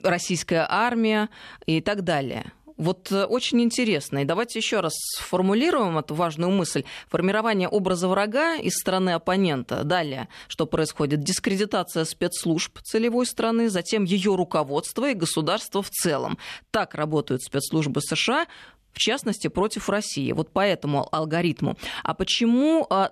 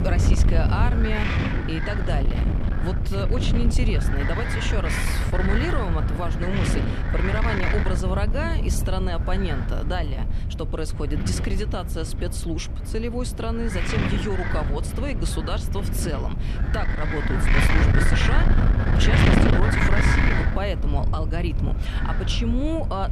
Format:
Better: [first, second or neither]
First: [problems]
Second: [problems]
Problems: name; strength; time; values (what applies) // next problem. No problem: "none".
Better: first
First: none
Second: wind noise on the microphone; heavy; 2 dB above the speech